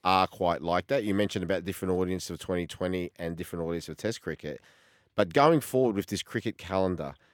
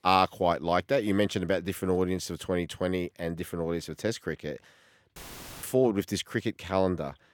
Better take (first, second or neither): first